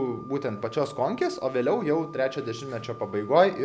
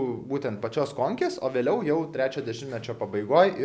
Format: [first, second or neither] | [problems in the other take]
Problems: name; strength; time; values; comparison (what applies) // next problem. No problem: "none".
second | background sound (Wind instrument, woodwind instrument); 20 dB below the speech